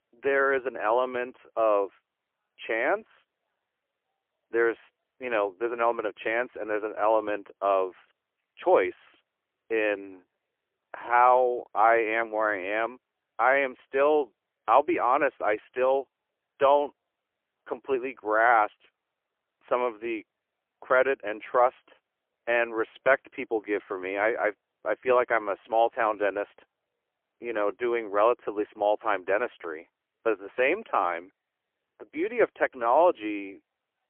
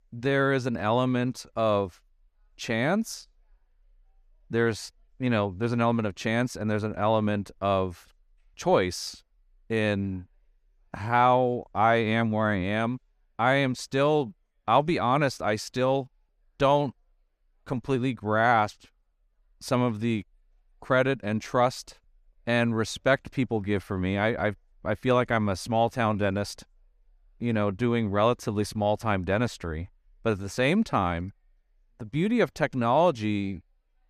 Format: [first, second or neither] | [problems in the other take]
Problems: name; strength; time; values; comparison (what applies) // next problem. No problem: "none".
second | phone-call audio; poor line